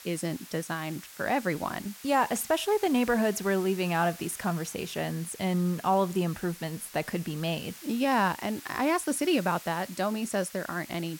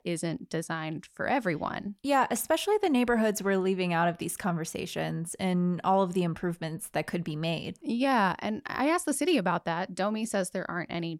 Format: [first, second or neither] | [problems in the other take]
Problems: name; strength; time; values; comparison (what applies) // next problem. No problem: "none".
second | hiss; noticeable; throughout; 15 dB below the speech